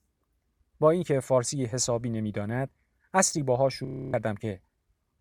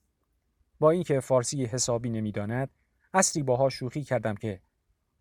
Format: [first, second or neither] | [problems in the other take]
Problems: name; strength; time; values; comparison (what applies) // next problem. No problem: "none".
second | audio freezing; at 4 s